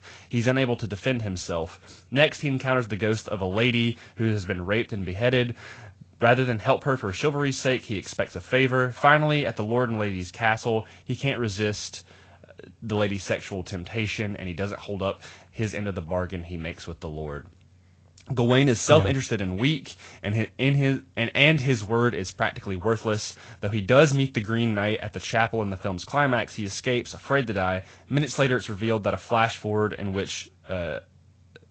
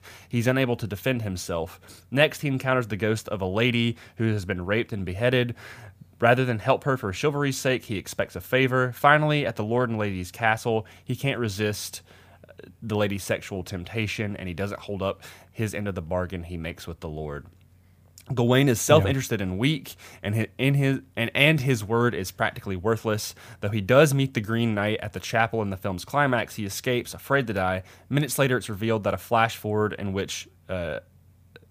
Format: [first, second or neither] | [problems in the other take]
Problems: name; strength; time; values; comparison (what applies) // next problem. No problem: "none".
second | garbled, watery; slightly; nothing above 7.5 kHz